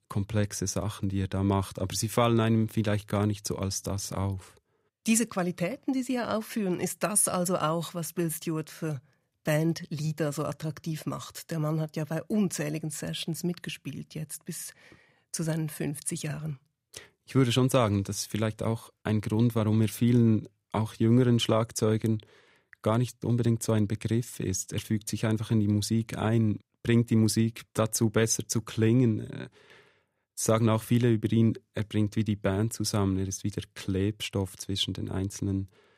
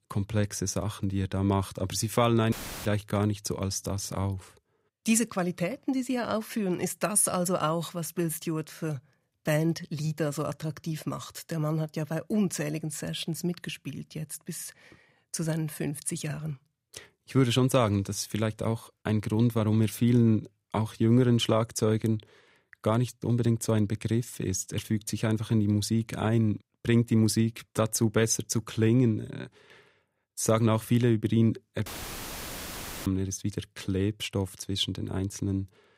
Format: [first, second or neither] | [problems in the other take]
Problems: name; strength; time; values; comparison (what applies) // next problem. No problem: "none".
first | audio cutting out; filled with static; at 2.5 s and at 32 s for 1 s